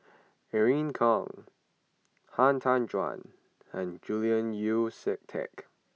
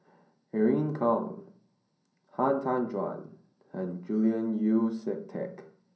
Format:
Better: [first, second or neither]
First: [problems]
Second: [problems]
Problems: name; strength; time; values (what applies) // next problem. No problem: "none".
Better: first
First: none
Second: room echo; dies away in 0.6 s